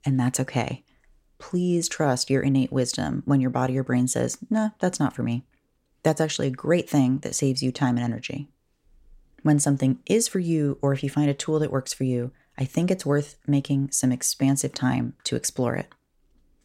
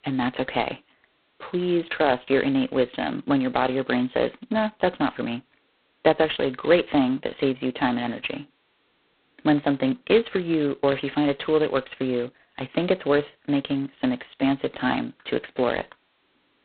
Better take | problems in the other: first | phone-call audio; poor line; nothing above 4 kHz

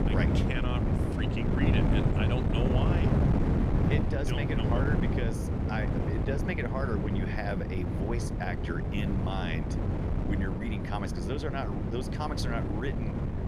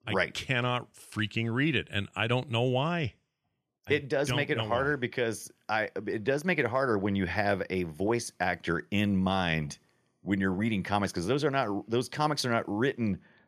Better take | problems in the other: second | wind noise on the microphone; heavy; as loud as the speech

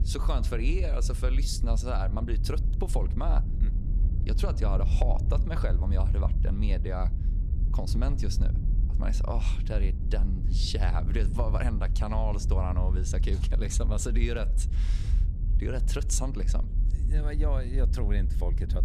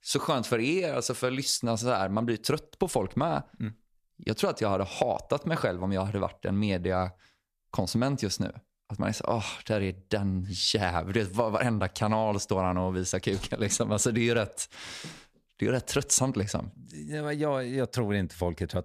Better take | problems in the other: second | low rumble; loud; throughout; 10 dB below the speech

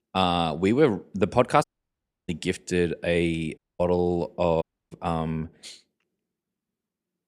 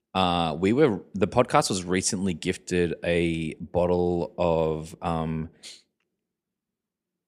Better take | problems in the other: second | audio cutting out; at 1.5 s for 0.5 s, at 3.5 s and at 4.5 s

